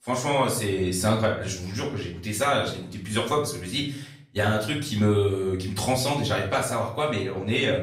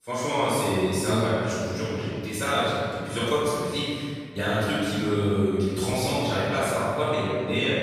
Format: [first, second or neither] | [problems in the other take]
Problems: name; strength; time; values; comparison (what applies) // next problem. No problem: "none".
first | room echo; strong; dies away in 1.9 s; slight in the first // off-mic speech; far; far in the first